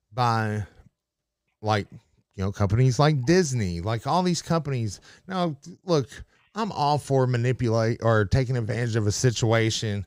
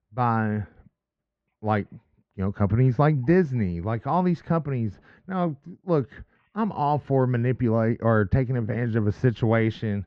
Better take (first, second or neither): first